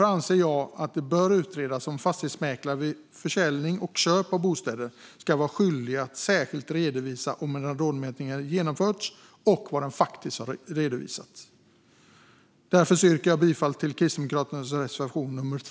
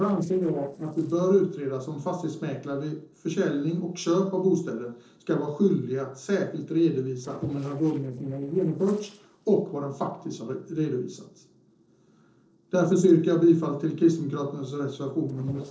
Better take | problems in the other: first | noise reduction (neural separator model SepFormer DNS4)

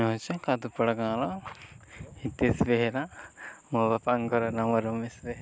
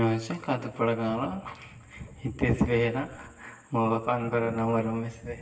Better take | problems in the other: first | room echo; dies away in 1.4 s

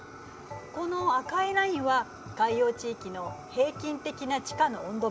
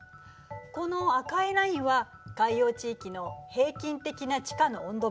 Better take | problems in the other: second | background sound (Fire); 17 dB below the speech

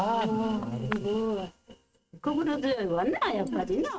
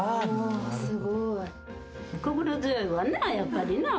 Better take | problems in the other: second | noise reduction (neural mask model RNNoise)

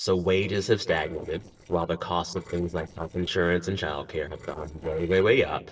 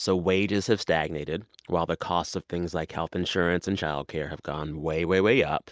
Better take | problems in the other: second | noise reduction (neural separator model SepFormer DNS4)

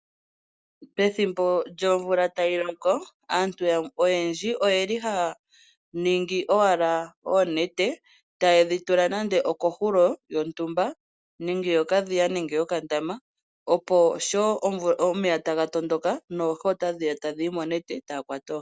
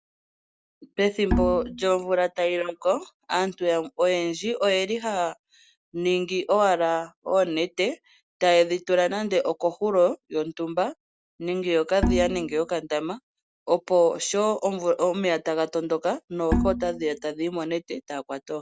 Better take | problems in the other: first | background sound (Bowed string instrument); 4 dB below the speech

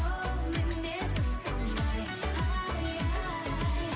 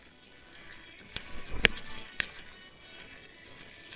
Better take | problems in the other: first | noise reduction (neural separator model SepFormer WHAMR!)

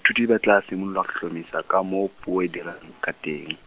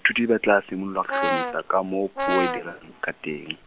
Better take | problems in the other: first | background sound (Brass instrument); 1 dB below the speech

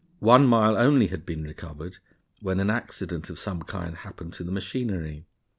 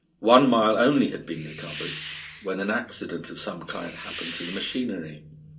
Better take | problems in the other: first | background sound (Hiss); 14 dB below the speech // room echo; dies away in 0.2 s

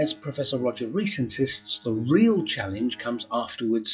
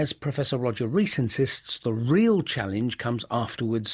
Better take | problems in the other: second | noise reduction (classical method WPE with log-MMSE)

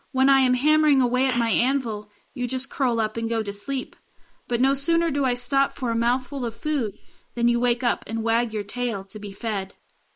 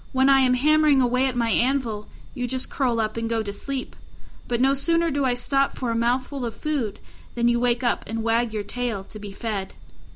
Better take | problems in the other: second | noise reduction (neural mask model Resemble Enhance denoiser)

